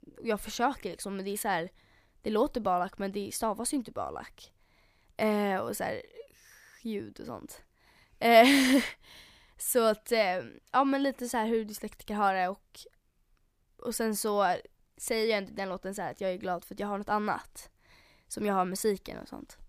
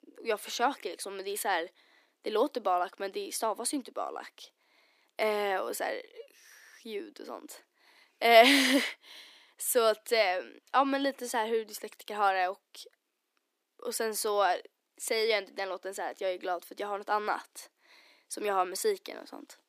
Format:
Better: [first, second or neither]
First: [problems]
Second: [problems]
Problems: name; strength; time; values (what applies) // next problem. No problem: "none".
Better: first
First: none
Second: thin; very slightly; fading below 300 Hz